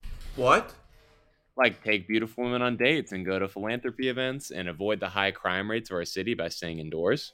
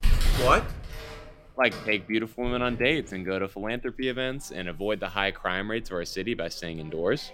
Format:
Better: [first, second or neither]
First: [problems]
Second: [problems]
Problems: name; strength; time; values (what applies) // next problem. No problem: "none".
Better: first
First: household noises; faint; throughout; 25 dB below the speech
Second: household noises; loud; throughout; 6 dB below the speech